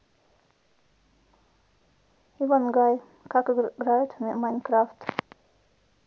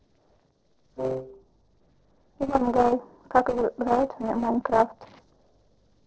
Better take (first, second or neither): first